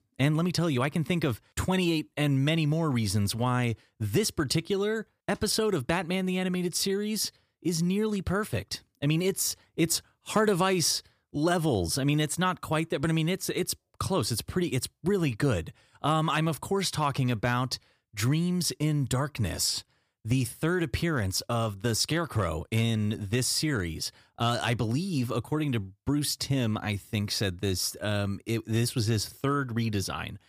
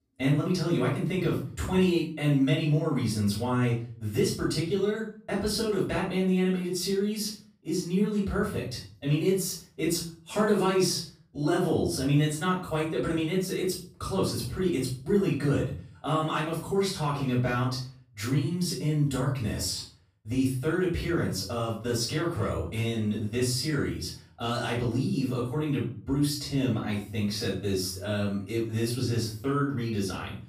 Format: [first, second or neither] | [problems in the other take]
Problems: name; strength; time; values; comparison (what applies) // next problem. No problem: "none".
first | off-mic speech; far // room echo; noticeable; dies away in 0.4 s